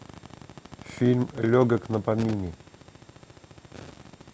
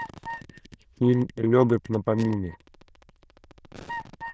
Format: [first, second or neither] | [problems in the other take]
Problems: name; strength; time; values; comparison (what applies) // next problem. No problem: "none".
first | noise reduction (neural diffusion model UNIVERSE++)